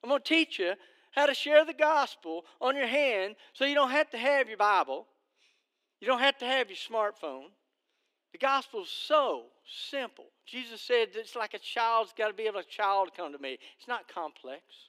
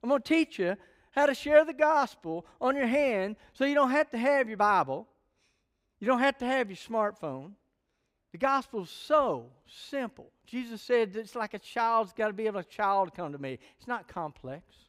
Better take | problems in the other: second | thin; very slightly; fading below 300 Hz

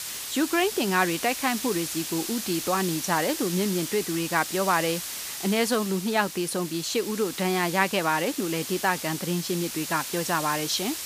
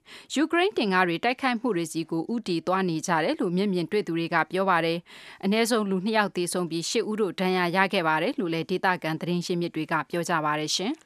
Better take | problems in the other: second | hiss; loud; throughout; 6 dB below the speech

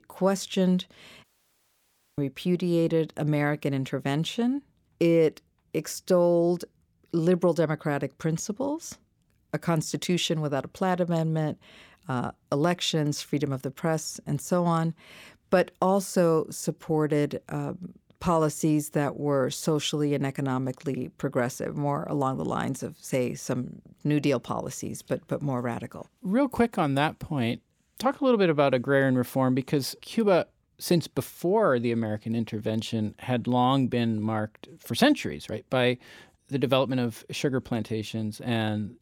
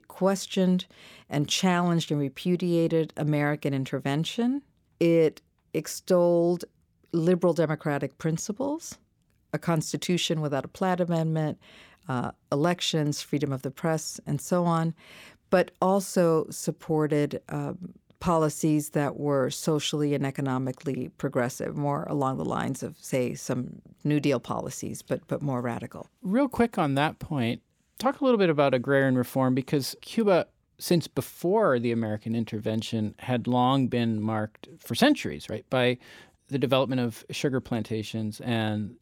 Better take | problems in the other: second | audio cutting out; at 1 s for 1 s

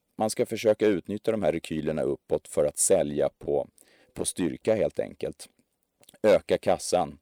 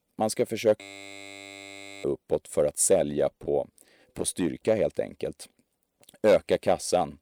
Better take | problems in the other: first | audio freezing; at 1 s for 1 s

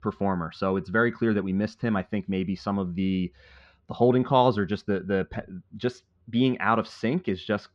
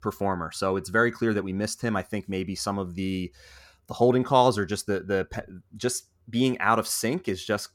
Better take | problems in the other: second | muffled; slightly; fading above 3.5 kHz

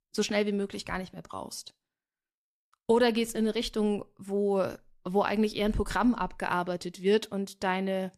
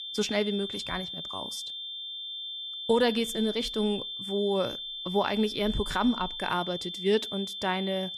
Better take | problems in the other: first | high-pitched whine; loud; throughout; 3.5 kHz, 6 dB below the speech

